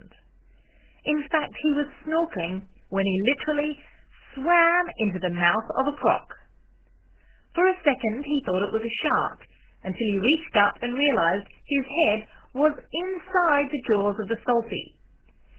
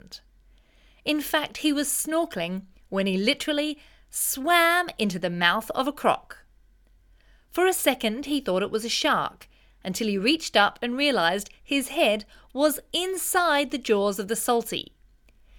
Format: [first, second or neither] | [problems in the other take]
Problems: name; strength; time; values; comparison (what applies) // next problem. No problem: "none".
second | garbled, watery; badly; nothing above 3 kHz